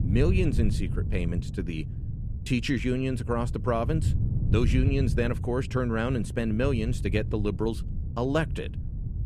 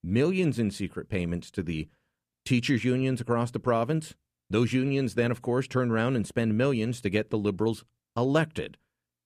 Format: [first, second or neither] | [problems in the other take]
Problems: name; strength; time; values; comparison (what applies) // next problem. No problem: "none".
second | wind noise on the microphone; occasional gusts; 15 dB below the speech